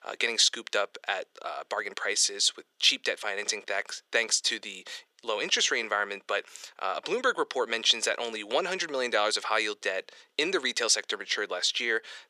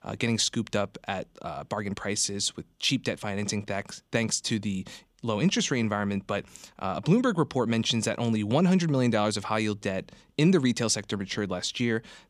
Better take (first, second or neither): second